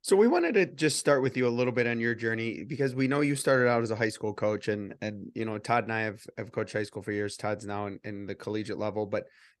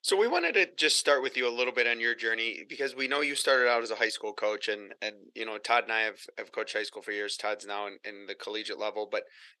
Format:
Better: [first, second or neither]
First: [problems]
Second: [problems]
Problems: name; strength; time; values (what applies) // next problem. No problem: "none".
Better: first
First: none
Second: thin; very; fading below 400 Hz